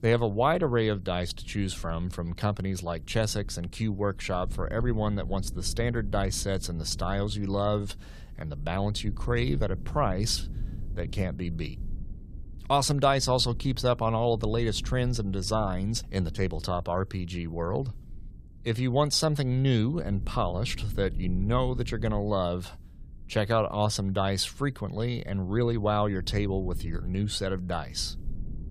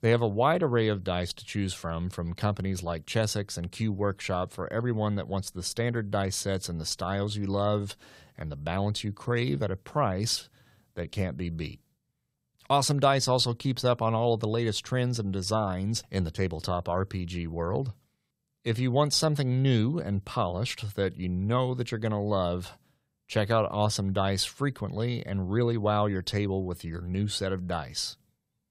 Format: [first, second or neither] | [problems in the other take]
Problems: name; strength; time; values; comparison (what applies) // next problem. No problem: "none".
second | low rumble; faint; throughout; 25 dB below the speech